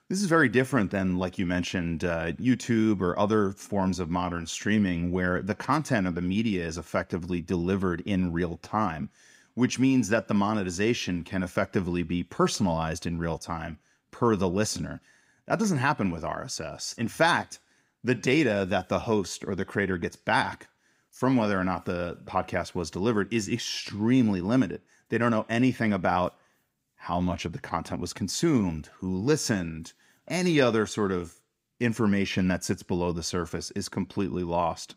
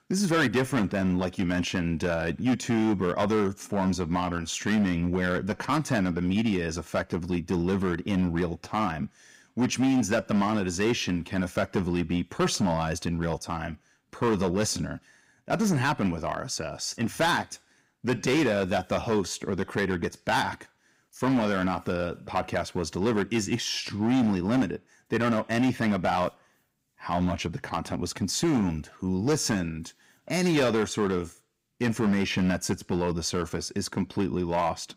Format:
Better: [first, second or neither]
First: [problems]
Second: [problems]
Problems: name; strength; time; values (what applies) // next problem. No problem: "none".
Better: first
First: none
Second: distortion; slight; 8% of the sound clipped